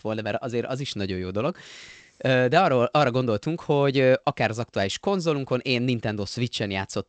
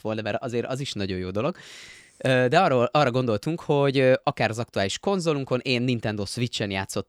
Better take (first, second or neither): second